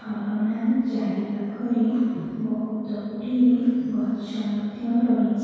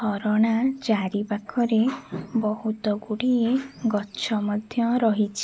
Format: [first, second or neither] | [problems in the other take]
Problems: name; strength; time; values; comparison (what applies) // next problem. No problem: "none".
second | room echo; dies away in 2 s